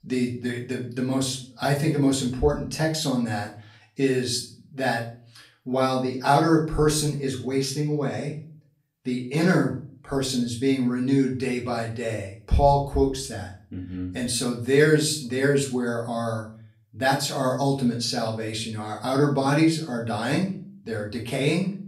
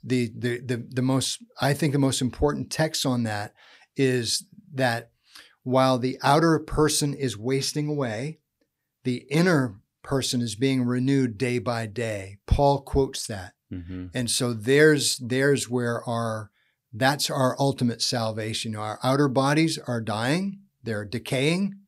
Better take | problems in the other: second | room echo; slight; dies away in 0.4 s // off-mic speech; far

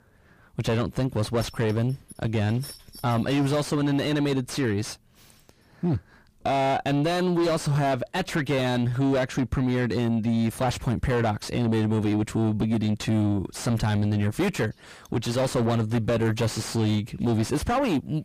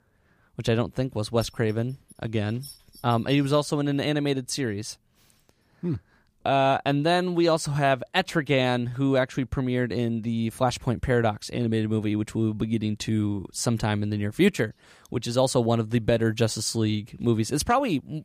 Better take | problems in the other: second | distortion; heavy; 6 dB below the speech

